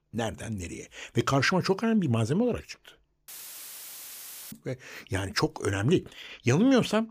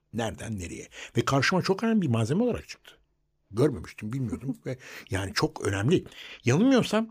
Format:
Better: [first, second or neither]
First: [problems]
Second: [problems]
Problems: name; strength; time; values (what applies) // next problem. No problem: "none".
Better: second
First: audio cutting out; filled with static; at 3.5 s for 1 s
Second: none